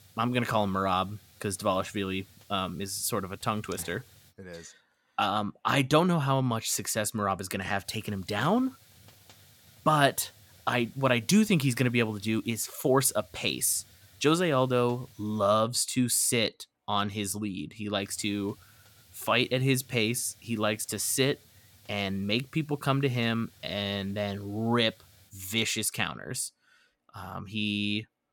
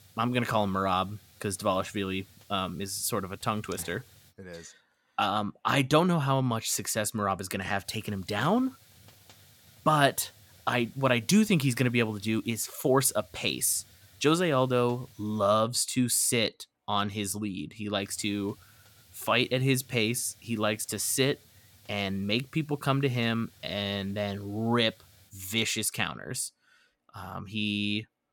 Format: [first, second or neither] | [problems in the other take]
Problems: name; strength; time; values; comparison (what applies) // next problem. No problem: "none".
neither | hiss; faint; until 4.5 s, from 8 to 16 s and from 18 to 25 s; 25 dB below the speech; the same in both